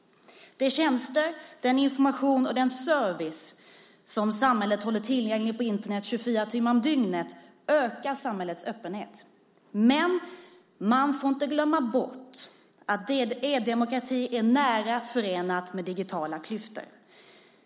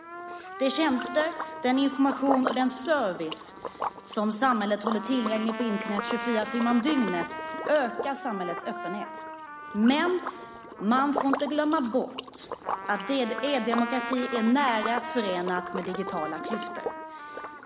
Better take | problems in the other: first | background sound (Liquid + Trumpet); 7 dB below the speech

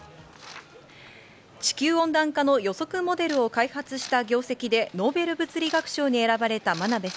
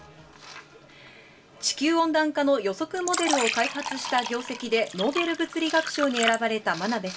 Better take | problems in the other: first | background sound (Fill (with liquid)); 5 dB below the speech // room echo; dies away in 0.2 s

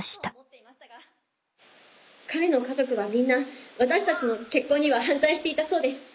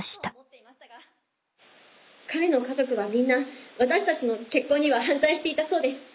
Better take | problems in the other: second | background sound (Crow); 17 dB below the speech

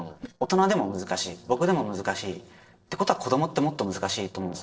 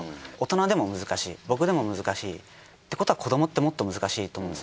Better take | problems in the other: second | noise reduction (neural separator model SepFormer DNS4)

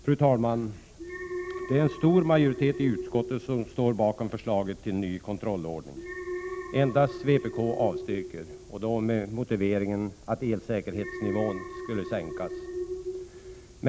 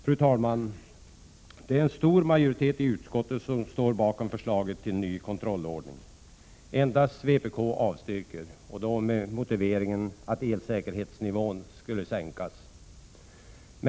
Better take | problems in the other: second | background sound (Alarm); 11 dB below the speech

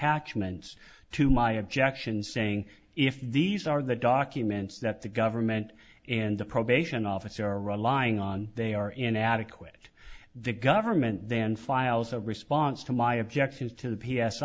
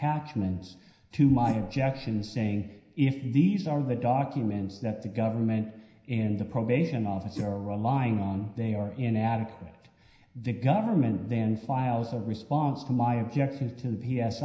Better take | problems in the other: first | background sound (Whoosh, swoosh, swish); 10 dB below the speech // room echo; dies away in 0.9 s

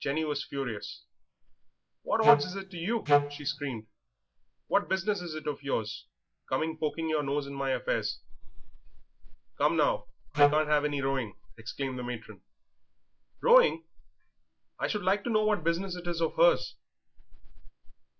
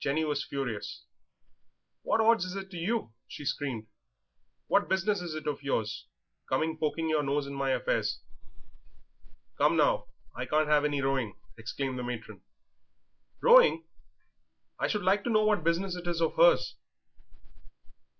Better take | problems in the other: second | background sound (Wind instrument, woodwind instrument); 4 dB above the speech

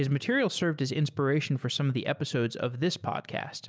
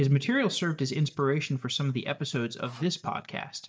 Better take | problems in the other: first | noise reduction (neural mask model DeepFilterNet 3)

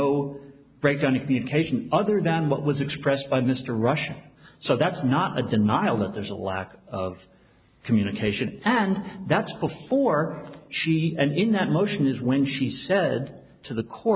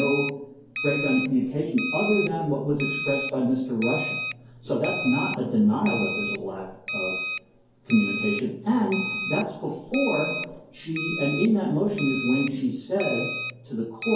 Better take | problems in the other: first | background sound (Alarm); 7 dB below the speech // room echo; dies away in 2.4 s

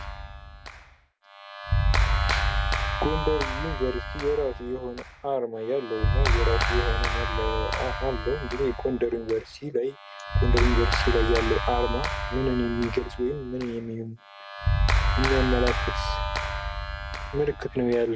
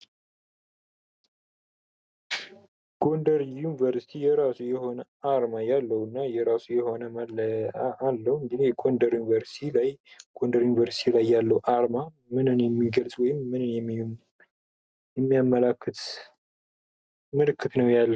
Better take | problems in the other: second | background sound (Clapping); 2 dB above the speech

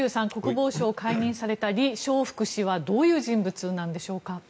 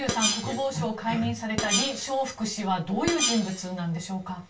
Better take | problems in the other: first | background sound (Screech); 4 dB below the speech // room echo; dies away in 0.2 s

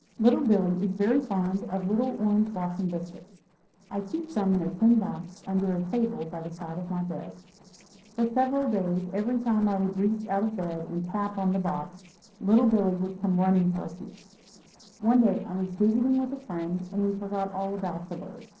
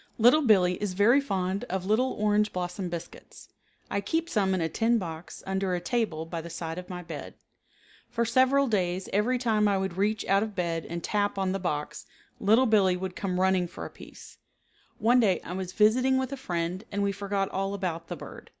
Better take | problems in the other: second | noise reduction (neural separator model SepFormer DNS4)

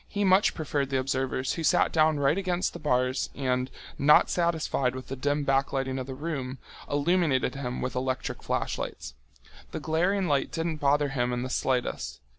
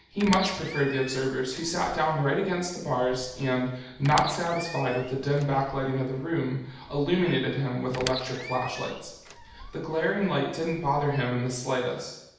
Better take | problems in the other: first | background sound (Squeak); 14 dB below the speech // room echo; dies away in 0.8 s

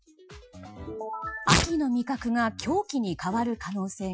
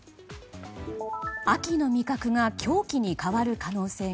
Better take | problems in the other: second | noise reduction (classical method Wiener filter)

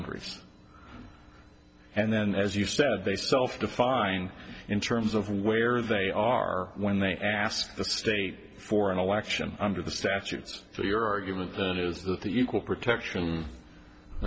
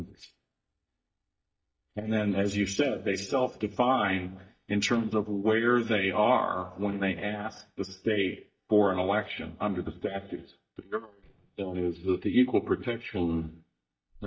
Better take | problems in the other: first | noise reduction (neural mask model DeepFilterNet 3)

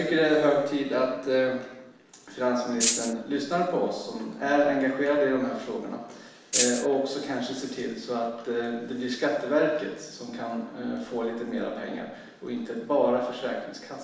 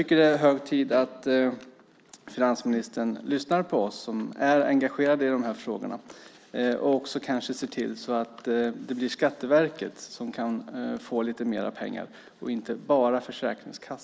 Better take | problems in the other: second | background sound (Rattle (instrument)); 2 dB above the speech // room echo; dies away in 0.9 s

